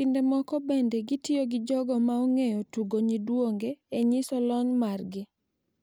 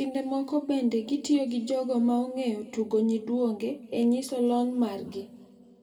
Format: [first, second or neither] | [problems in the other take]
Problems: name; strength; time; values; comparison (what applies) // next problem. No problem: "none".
first | room echo; dies away in 1.9 s